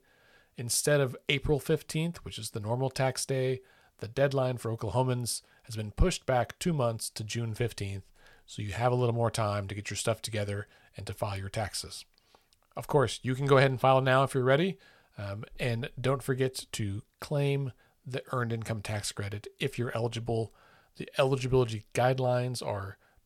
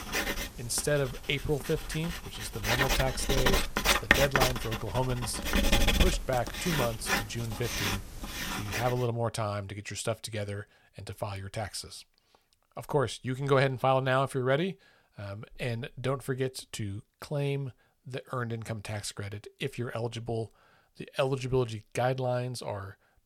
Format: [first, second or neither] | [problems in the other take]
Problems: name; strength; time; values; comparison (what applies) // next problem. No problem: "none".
first | household noises; very loud; until 8.5 s; 3 dB above the speech